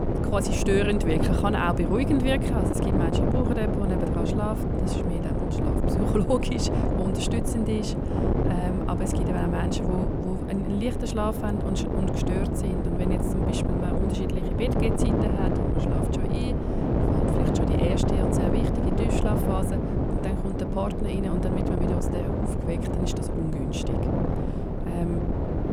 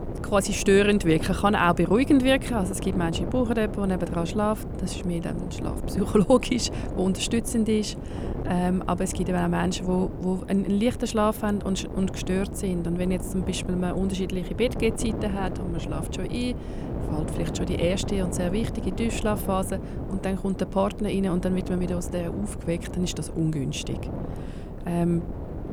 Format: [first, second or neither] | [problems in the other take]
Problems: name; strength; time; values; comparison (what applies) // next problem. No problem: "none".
second | wind noise on the microphone; heavy; 1 dB above the speech; occasional gusts in the second